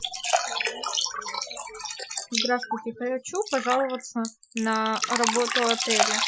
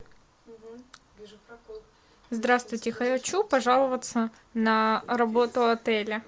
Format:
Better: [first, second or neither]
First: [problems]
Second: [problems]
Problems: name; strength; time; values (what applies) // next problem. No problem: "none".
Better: second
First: noise reduction (classical method Wiener filter)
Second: none